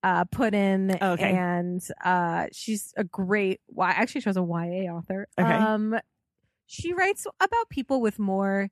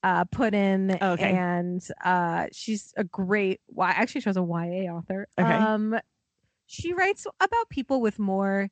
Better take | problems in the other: first | garbled, watery; slightly; nothing above 8 kHz

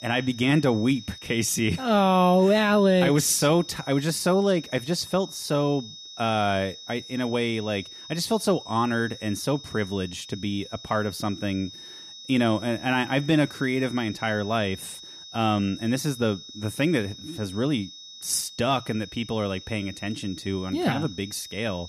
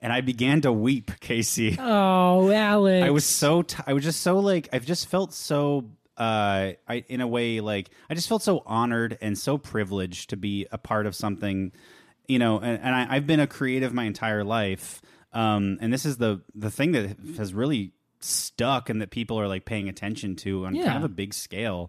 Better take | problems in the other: second | high-pitched whine; noticeable; throughout; 3.5 kHz, 15 dB below the speech

